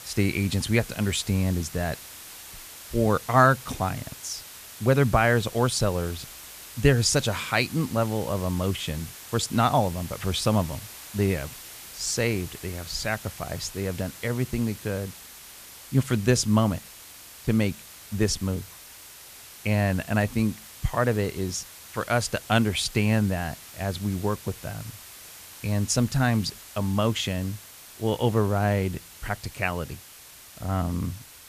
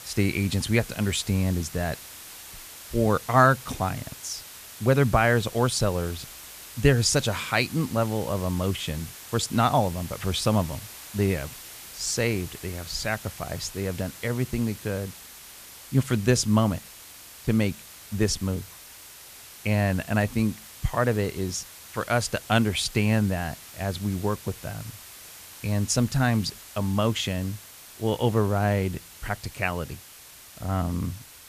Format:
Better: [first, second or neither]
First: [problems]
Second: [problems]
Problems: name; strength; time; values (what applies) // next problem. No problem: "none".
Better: neither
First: hiss; noticeable; throughout; 15 dB below the speech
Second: hiss; noticeable; throughout; 15 dB below the speech